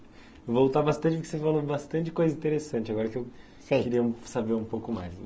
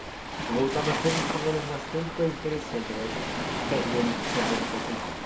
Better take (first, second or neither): first